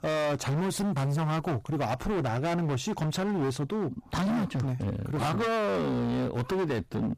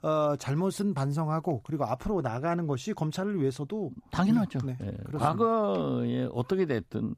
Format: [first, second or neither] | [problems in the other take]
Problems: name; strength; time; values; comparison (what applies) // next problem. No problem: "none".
second | distortion; heavy; 35% of the sound clipped